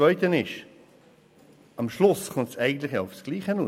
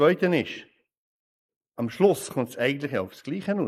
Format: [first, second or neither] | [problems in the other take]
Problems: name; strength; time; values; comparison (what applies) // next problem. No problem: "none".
first | noise reduction (neural mask model Resemble Enhance denoiser)